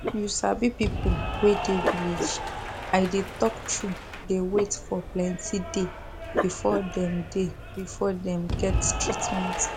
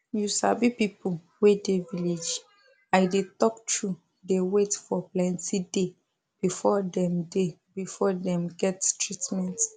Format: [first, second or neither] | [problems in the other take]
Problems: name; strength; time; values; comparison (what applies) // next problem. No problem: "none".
second | background sound (Applause / Cheering + Dog); 4 dB below the speech